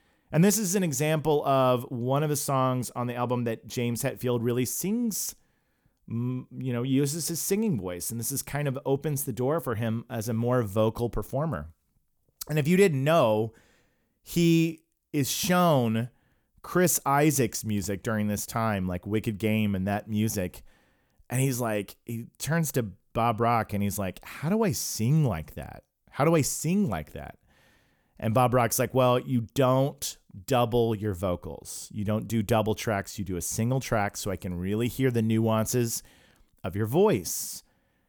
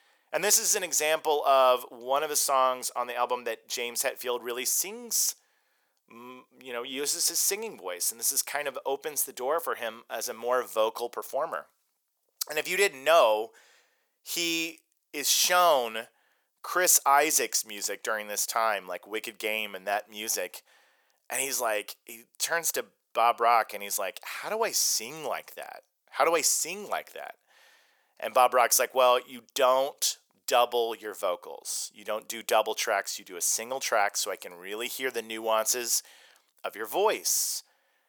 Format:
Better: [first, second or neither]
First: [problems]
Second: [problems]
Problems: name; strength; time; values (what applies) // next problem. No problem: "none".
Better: first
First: none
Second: thin; very; fading below 550 Hz